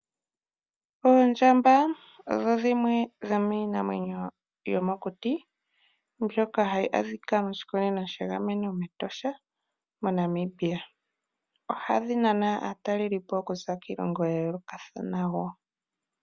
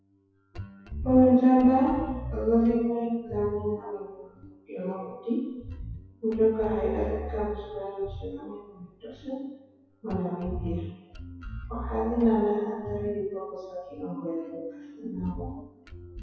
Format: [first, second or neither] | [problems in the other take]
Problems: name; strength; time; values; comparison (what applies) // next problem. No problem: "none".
first | noise reduction (classical method WPE with log-MMSE)